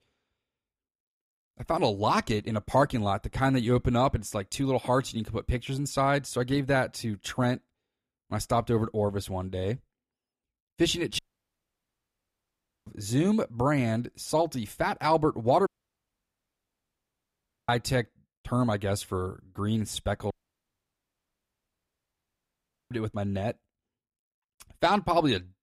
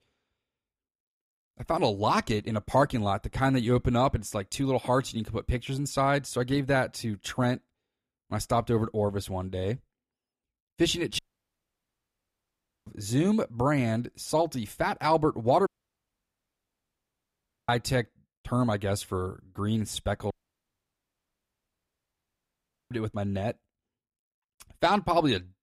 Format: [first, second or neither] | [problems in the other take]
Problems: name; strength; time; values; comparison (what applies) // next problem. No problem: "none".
neither | audio cutting out; at 11 s for 1.5 s, at 16 s for 2 s and at 20 s for 2.5 s; the same in both